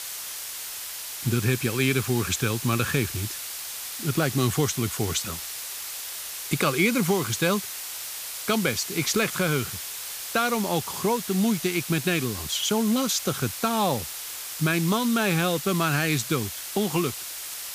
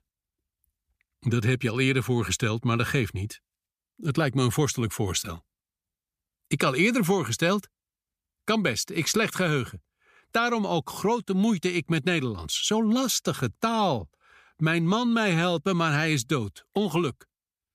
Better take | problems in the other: second | hiss; loud; throughout; 7 dB below the speech

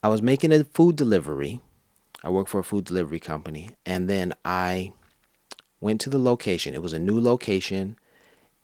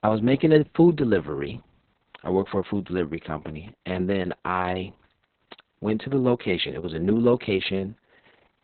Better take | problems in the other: first | garbled, watery; badly; nothing above 4 kHz; slightly in the first

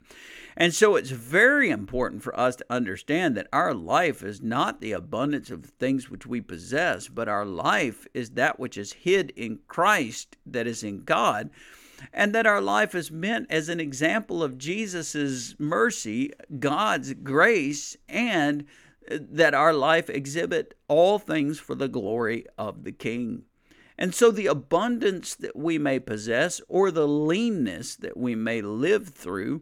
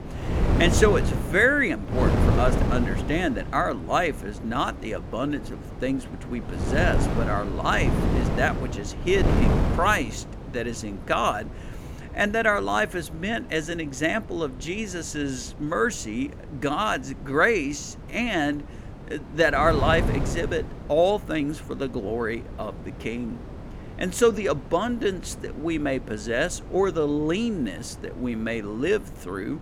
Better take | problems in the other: first | wind noise on the microphone; occasional gusts; 10 dB below the speech

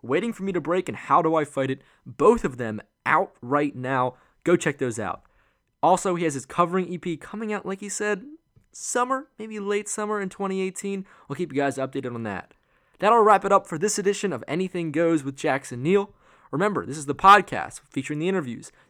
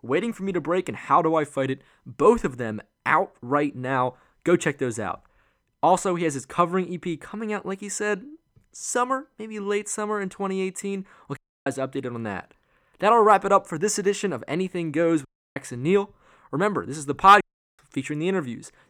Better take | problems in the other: first | audio cutting out; at 11 s, at 15 s and at 17 s

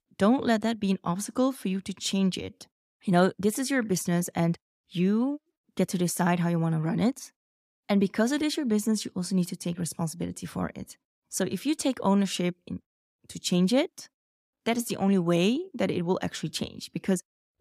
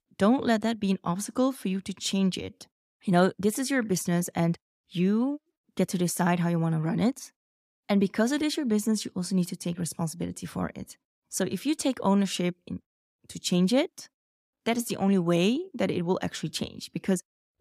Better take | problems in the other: neither | none

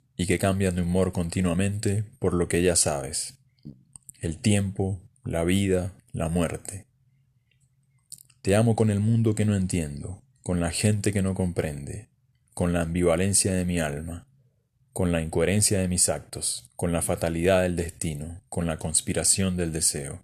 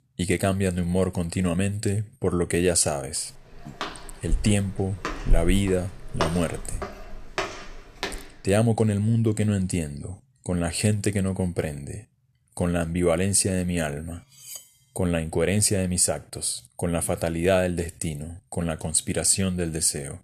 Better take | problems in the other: first | footsteps; noticeable; from 4 to 8 s; peak 3 dB below the speech // clattering dishes; faint; at 14 s; peak 15 dB below the speech

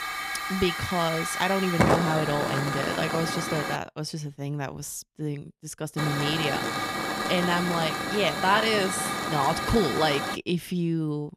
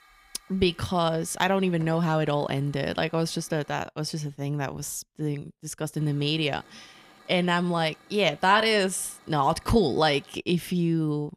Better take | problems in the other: second | hiss; loud; until 4 s and from 6 to 10 s; 1 dB below the speech; faint in the second

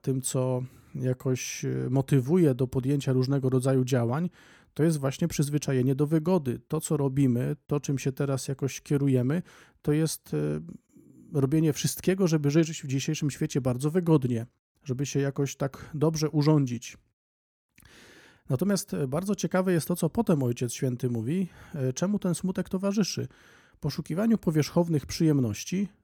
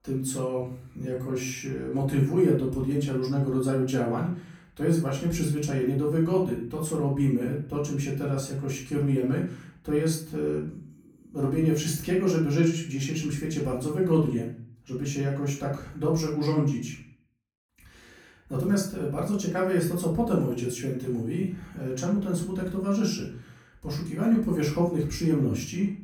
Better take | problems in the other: first | off-mic speech; far // room echo; slight; dies away in 0.4 s

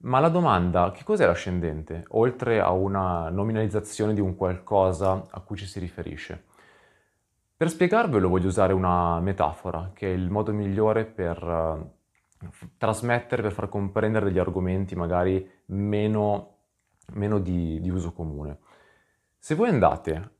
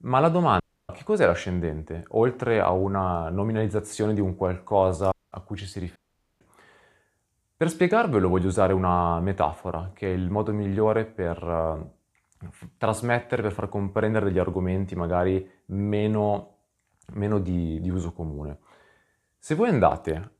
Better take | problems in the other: first | audio cutting out; at 0.5 s, at 5 s and at 6 s

